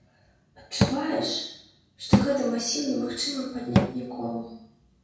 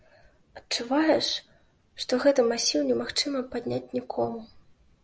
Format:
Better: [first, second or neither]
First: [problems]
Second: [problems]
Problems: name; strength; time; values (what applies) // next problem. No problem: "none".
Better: second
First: background sound (Cupboard open or close / Drawer open or close); 1 dB above the speech // room echo; dies away in 0.6 s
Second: none